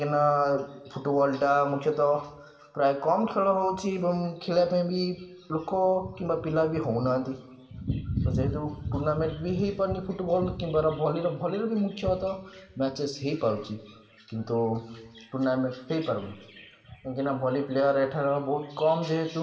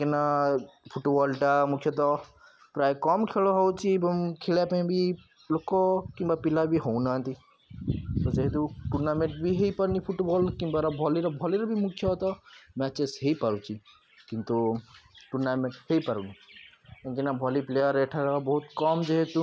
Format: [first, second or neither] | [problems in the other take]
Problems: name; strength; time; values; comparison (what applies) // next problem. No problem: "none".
second | room echo; dies away in 0.8 s